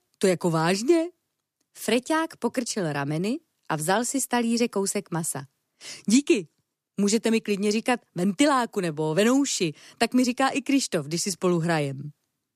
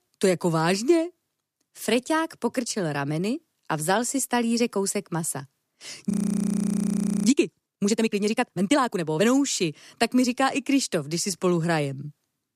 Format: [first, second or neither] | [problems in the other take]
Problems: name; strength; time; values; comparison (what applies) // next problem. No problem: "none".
first | audio freezing; at 6 s for 1 s